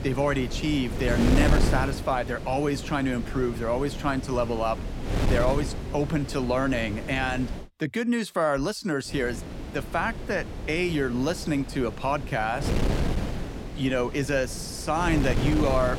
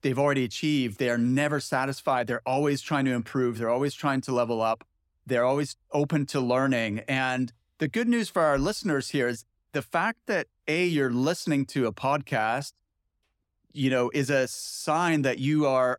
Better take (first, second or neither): second